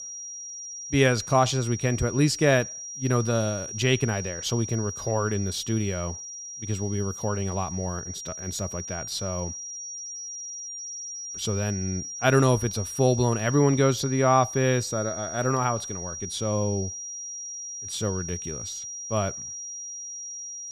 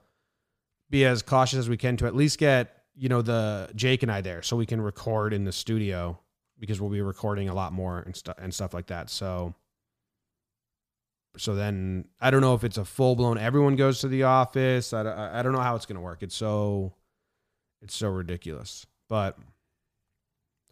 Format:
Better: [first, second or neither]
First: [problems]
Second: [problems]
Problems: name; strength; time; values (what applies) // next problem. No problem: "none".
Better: second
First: high-pitched whine; loud; throughout; 5.5 kHz, 8 dB below the speech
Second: none